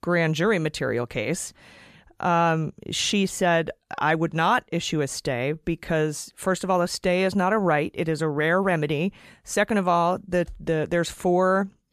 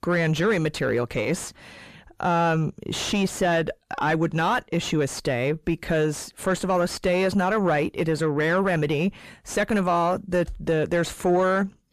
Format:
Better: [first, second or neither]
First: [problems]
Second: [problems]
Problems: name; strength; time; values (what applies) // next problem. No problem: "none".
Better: first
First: none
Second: distortion; slight; 9 dB below the speech